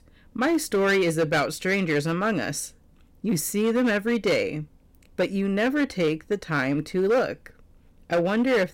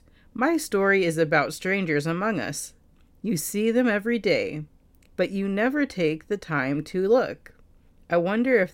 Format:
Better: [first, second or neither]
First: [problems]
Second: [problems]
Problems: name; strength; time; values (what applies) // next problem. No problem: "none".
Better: second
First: distortion; slight; 8% of the sound clipped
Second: none